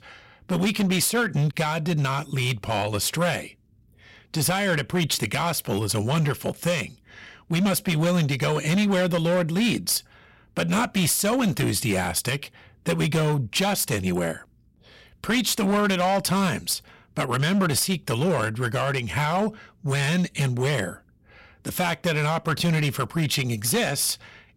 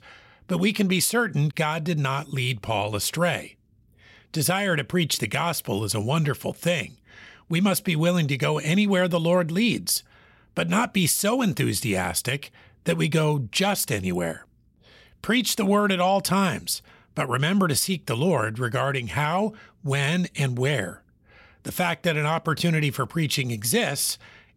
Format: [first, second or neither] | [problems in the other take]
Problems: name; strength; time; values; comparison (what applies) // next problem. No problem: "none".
second | distortion; slight; 10% of the sound clipped